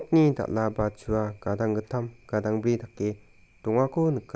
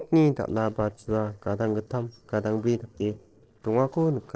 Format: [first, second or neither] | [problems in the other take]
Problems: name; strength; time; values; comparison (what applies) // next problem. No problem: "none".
first | noise reduction (neural separator model SepFormer DNS4)